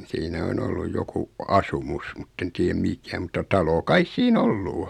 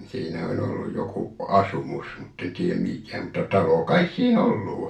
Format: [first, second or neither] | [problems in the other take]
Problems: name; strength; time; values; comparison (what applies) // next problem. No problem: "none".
first | room echo; dies away in 0.3 s